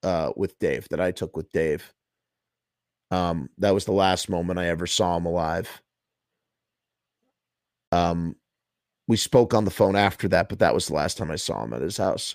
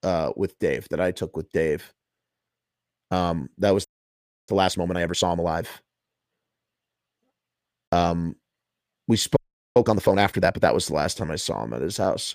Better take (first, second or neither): first